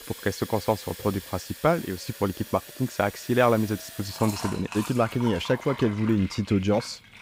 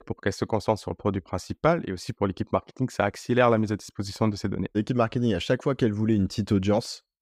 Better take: second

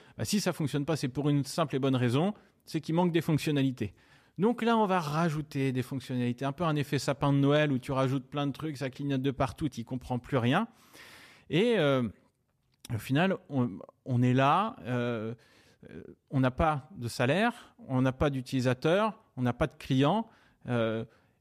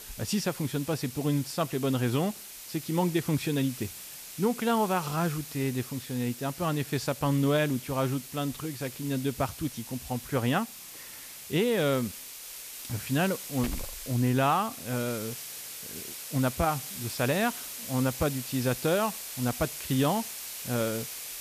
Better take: first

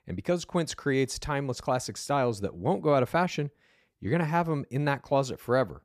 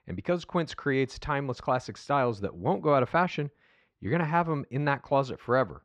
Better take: first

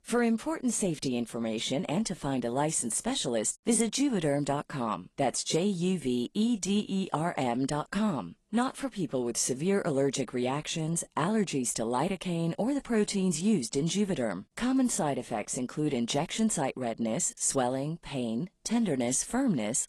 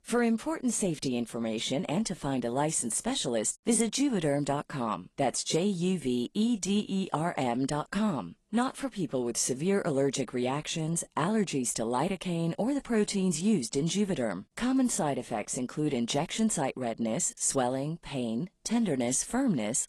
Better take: neither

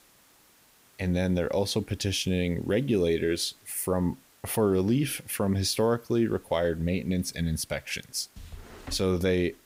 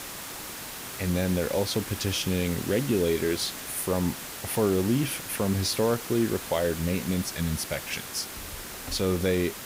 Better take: first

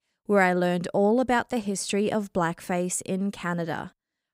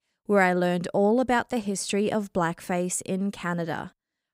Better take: neither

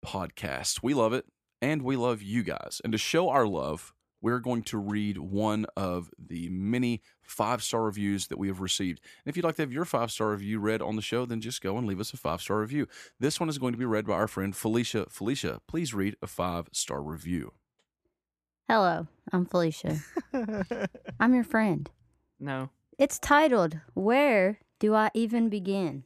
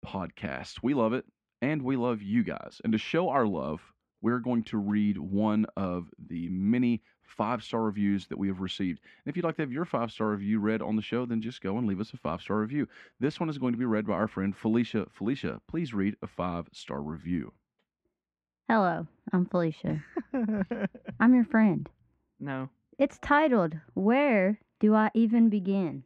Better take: first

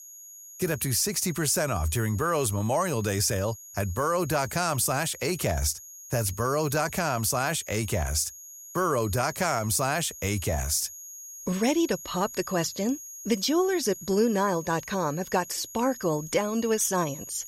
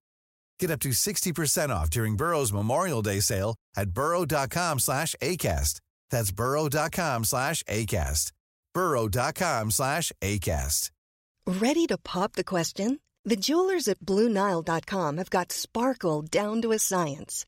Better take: second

